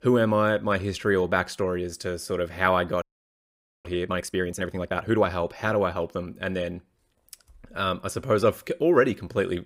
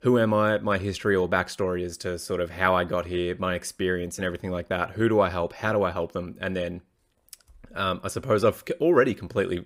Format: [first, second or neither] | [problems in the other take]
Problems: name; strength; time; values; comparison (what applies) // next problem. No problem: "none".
second | audio freezing; at 3 s for 1 s